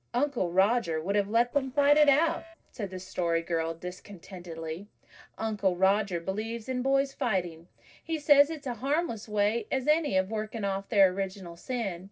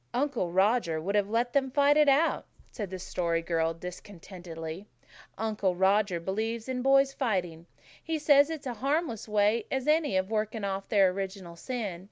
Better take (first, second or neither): second